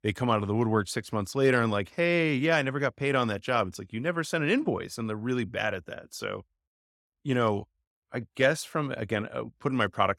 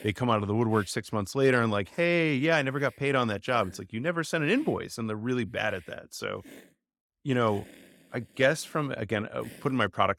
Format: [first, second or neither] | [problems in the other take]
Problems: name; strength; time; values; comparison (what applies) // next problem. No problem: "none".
first | hiss; faint; throughout; 25 dB below the speech